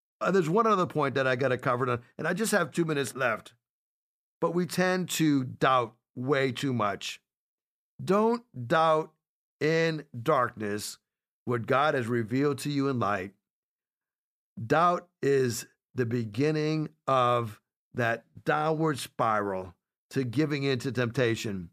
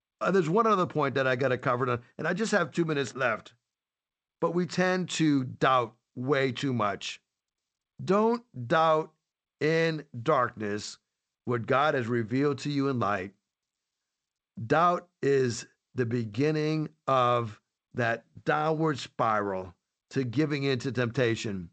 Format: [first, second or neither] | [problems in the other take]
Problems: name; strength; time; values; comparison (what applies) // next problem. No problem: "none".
first | garbled, watery; slightly; nothing above 8 kHz